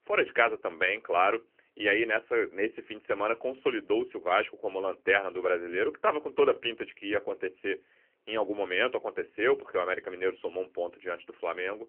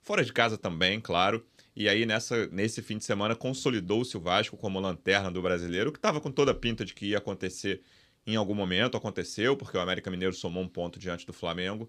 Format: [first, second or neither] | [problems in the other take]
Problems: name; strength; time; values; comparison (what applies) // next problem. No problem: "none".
second | phone-call audio; nothing above 3 kHz